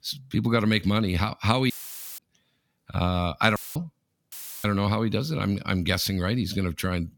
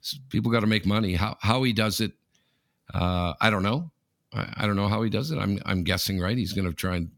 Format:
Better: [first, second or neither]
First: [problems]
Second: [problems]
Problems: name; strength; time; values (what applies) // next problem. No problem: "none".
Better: second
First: audio cutting out; filled with static; at 1.5 s, at 3.5 s and at 4.5 s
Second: none